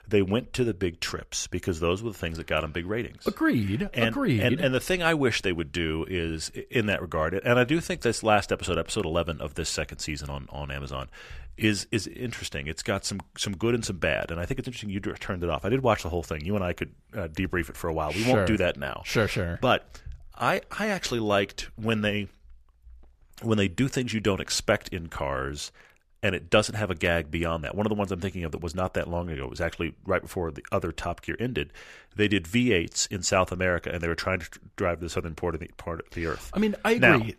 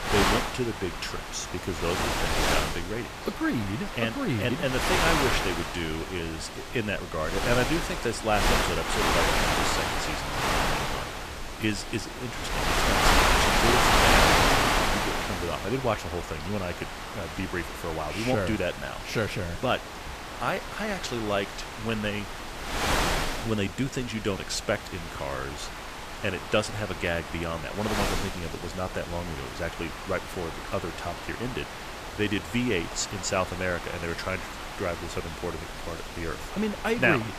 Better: first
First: none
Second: wind noise on the microphone; heavy; 3 dB above the speech

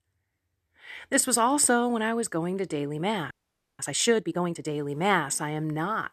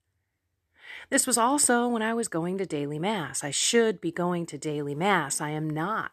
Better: second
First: audio freezing; at 3.5 s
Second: none

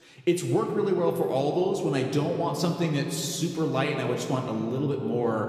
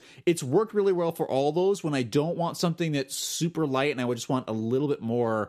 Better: second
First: room echo; slight; dies away in 2 s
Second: none

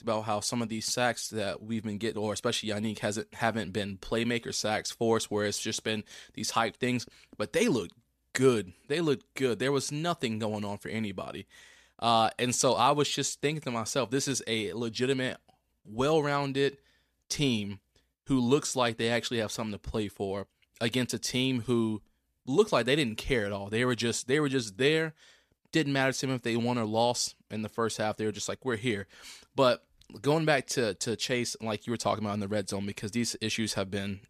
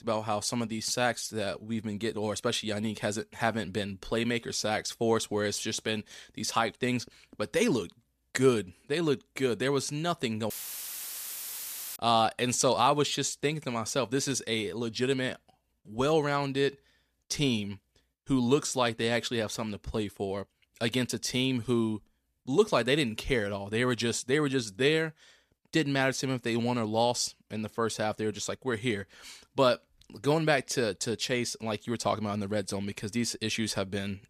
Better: first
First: none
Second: audio cutting out; filled with static; at 11 s for 1.5 s

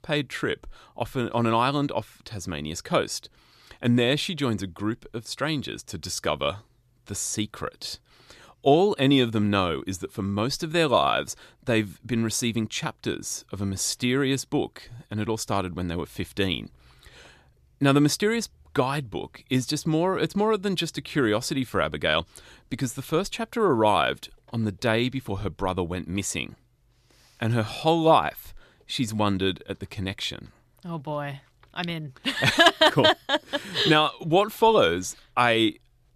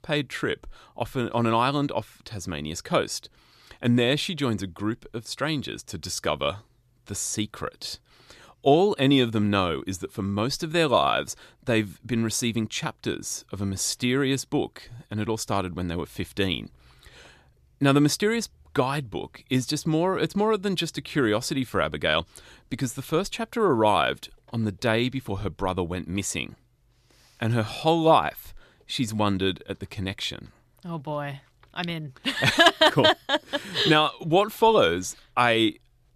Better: neither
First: none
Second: none

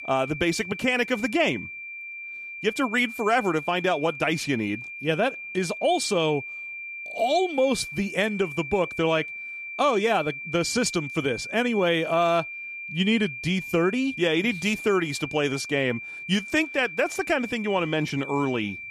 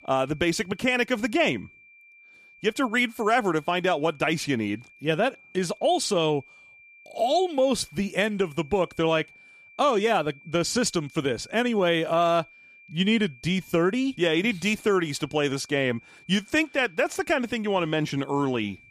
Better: second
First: high-pitched whine; loud; throughout; 2.5 kHz, 9 dB below the speech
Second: high-pitched whine; faint; throughout; 2.5 kHz, 25 dB below the speech

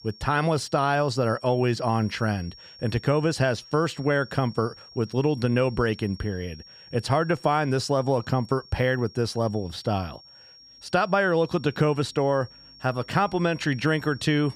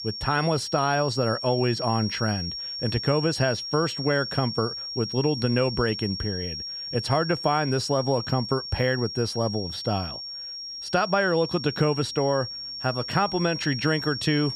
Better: first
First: high-pitched whine; faint; throughout; 5.5 kHz, 20 dB below the speech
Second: high-pitched whine; loud; throughout; 5.5 kHz, 6 dB below the speech

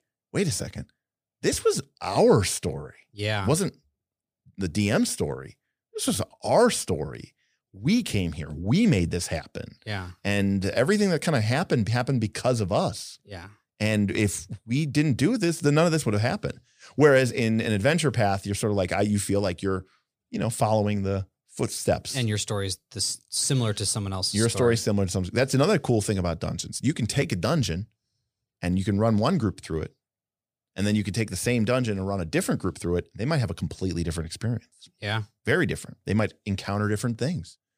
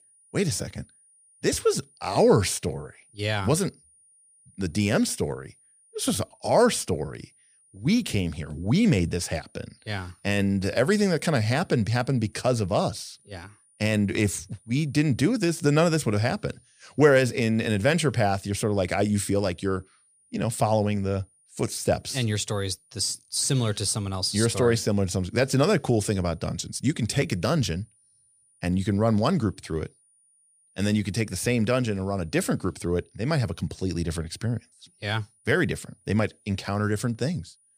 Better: first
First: none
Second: high-pitched whine; faint; throughout; 9.5 kHz, 35 dB below the speech

